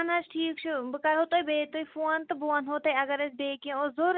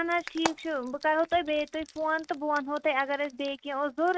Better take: first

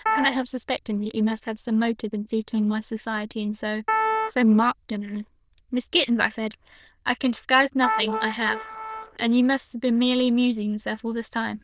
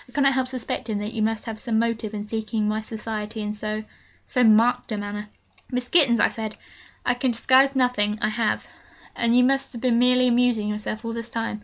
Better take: second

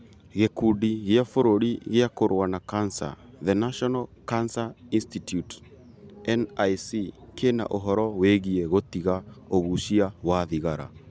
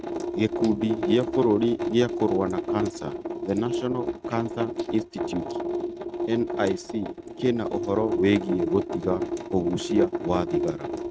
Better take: first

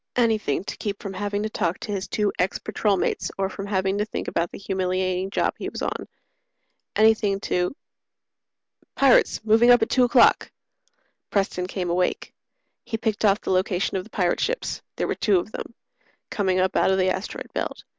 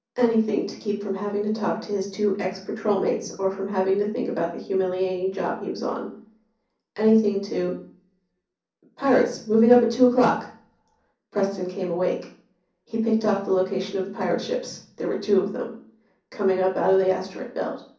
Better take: first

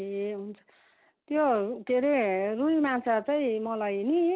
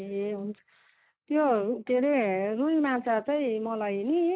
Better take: first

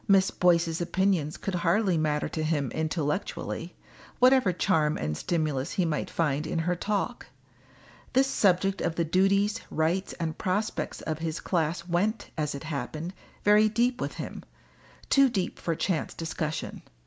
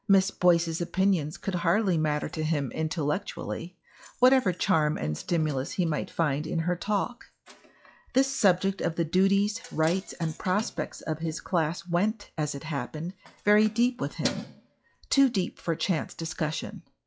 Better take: first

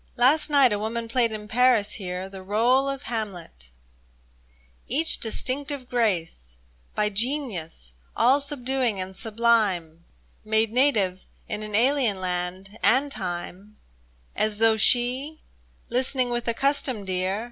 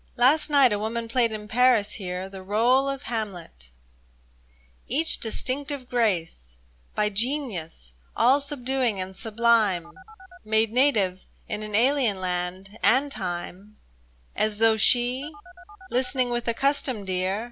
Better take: first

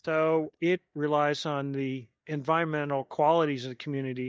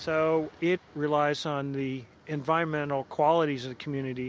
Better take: second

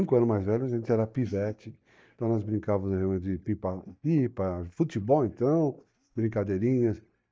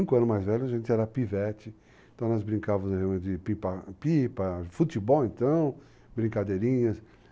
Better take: second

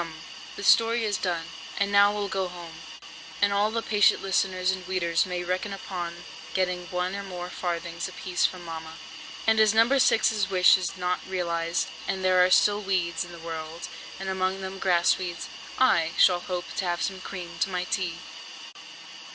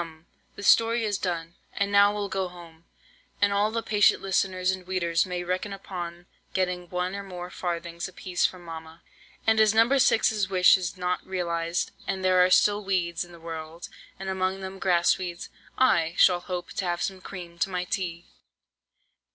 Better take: second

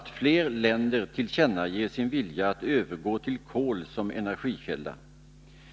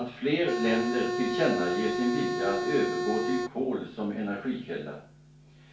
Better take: first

